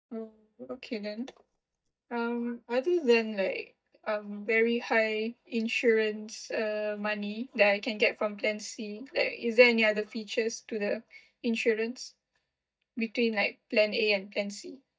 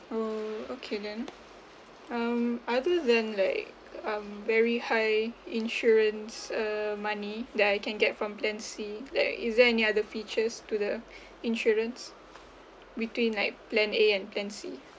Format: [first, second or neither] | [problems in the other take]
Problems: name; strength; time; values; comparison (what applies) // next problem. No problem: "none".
second | noise reduction (neural mask model DeepFilterNet 3)